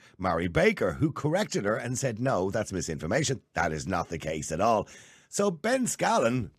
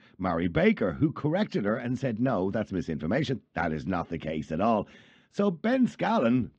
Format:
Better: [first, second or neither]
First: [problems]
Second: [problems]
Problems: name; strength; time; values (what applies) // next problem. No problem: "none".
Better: first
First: none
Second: muffled; slightly; fading above 4 kHz